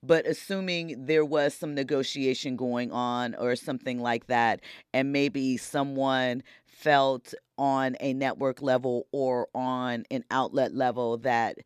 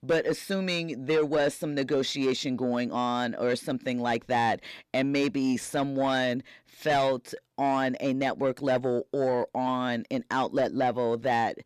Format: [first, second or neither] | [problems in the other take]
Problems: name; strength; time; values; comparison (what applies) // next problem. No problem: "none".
first | distortion; slight; 10 dB below the speech